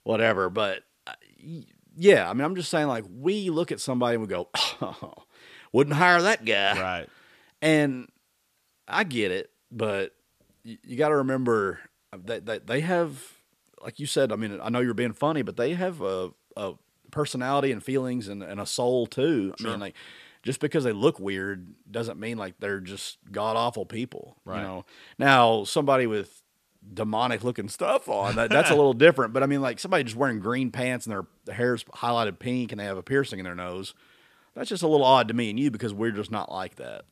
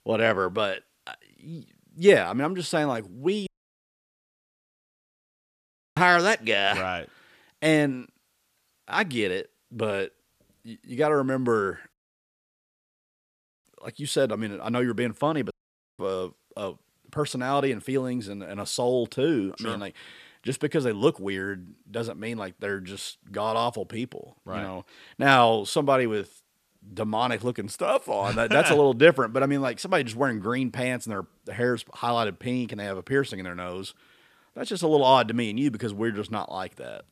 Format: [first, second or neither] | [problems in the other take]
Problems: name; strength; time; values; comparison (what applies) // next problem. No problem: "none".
first | audio cutting out; at 3.5 s for 2.5 s, at 12 s for 1.5 s and at 16 s